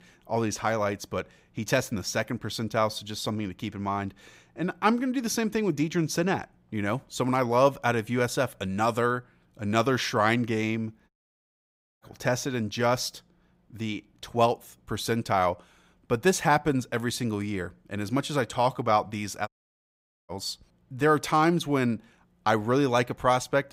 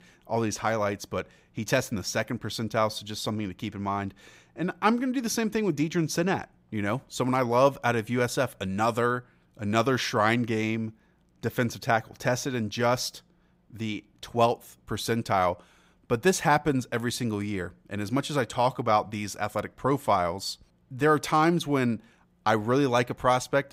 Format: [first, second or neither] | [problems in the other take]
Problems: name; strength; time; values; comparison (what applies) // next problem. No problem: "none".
second | audio cutting out; at 11 s for 1 s and at 19 s for 1 s